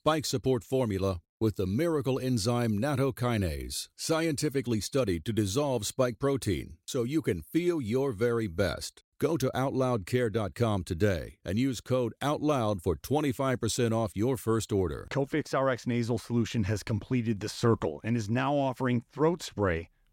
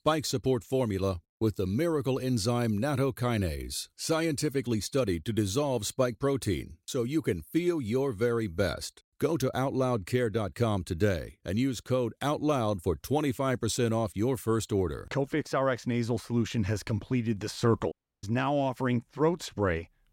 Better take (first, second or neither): first